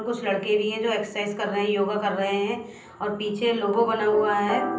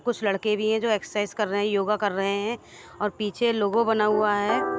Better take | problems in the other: second | room echo; dies away in 0.6 s

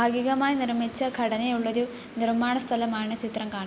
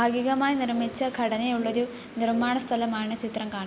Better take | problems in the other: first | background sound (Wind instrument, woodwind instrument); 17 dB below the speech

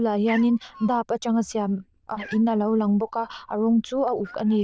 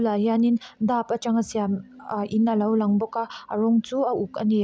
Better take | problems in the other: second | noise reduction (neural diffusion model UNIVERSE++)

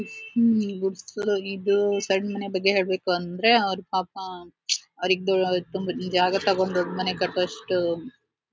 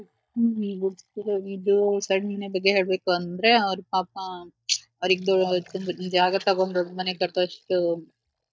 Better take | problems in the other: first | noise reduction (neural mask model DeepFilterNet 3)

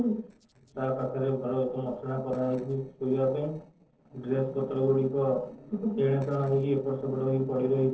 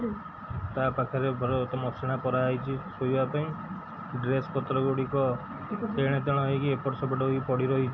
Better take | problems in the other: second | noise reduction (neural separator model SepFormer DNS4)

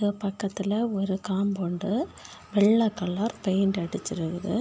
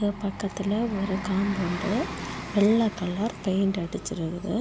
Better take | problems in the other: first | background sound (Bus); 10 dB below the speech

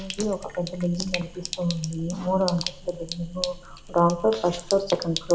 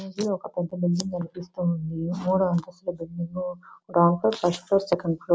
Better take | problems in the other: second | background sound (Sink (filling or washing)); 10 dB below the speech // room echo; dies away in 0.6 s

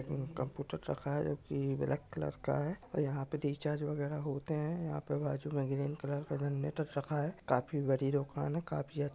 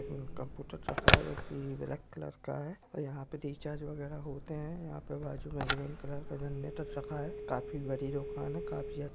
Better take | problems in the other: first | background sound (Telephone); 2 dB above the speech

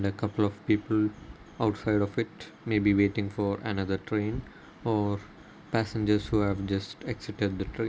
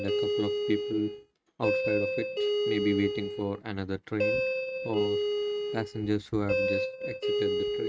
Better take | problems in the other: first | noise reduction (neural mask model RNNoise)

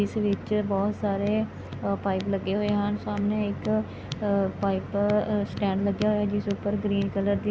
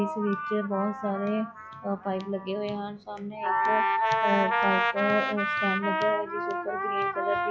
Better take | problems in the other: first | noise reduction (classical method log-MMSE)

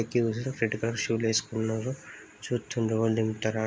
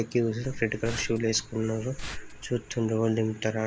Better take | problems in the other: first | background sound (Liquid); 11 dB below the speech

